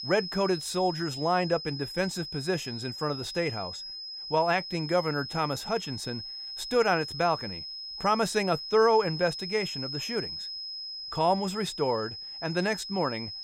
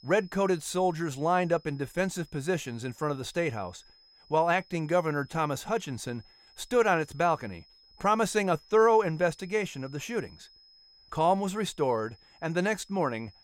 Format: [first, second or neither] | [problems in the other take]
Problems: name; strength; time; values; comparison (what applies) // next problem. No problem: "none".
second | high-pitched whine; loud; throughout; 5 kHz, 7 dB below the speech; faint in the second